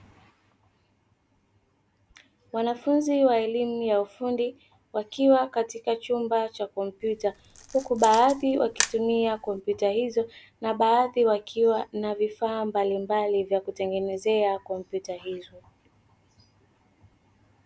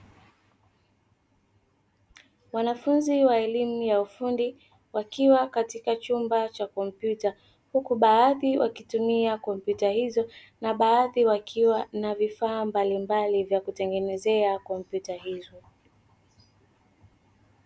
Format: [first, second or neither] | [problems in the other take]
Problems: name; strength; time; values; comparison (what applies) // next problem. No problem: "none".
second | background sound (Camera); 9 dB below the speech